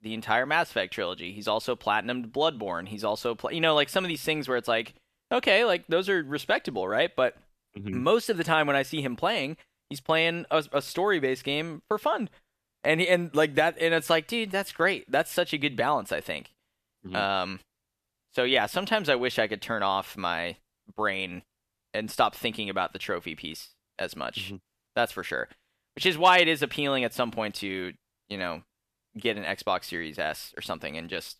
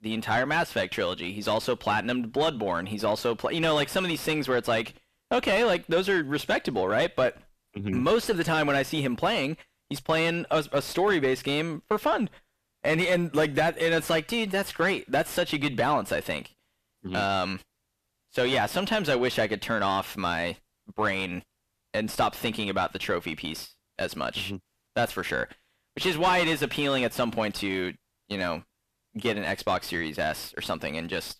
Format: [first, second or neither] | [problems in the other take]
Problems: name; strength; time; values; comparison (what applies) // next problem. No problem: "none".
first | distortion; heavy; 7 dB below the speech